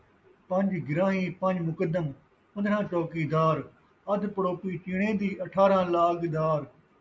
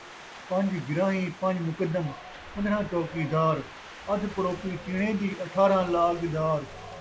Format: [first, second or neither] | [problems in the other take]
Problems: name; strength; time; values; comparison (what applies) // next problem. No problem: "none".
first | background sound (Wind); 15 dB below the speech